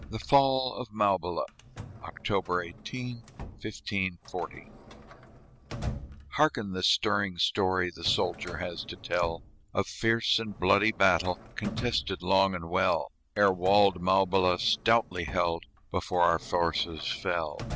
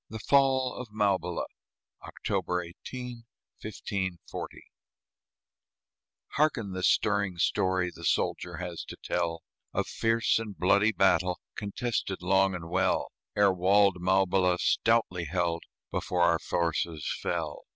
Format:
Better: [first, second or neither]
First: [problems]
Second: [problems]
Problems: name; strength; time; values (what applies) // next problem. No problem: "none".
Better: second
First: background sound (Drawer open or close); 15 dB below the speech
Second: none